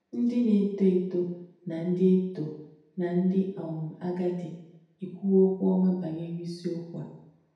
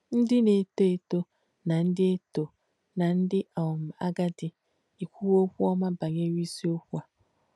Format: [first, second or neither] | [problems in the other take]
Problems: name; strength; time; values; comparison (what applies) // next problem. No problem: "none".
second | room echo; dies away in 0.8 s